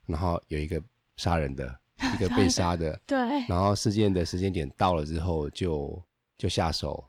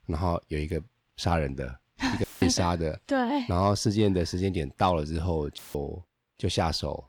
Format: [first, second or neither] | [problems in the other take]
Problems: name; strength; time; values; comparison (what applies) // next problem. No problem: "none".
first | audio cutting out; filled with static; at 2 s and at 5.5 s